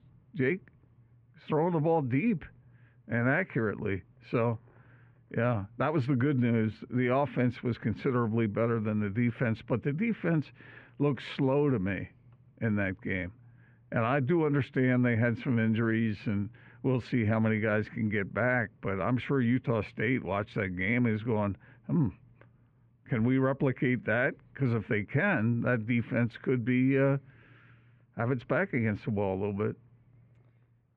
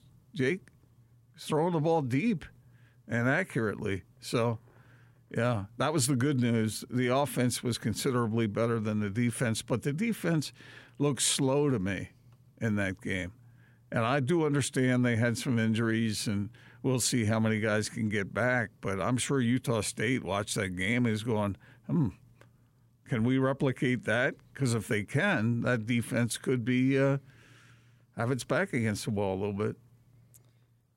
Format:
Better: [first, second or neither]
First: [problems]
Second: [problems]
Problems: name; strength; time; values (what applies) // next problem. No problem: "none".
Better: second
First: muffled; very; fading above 2.5 kHz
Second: none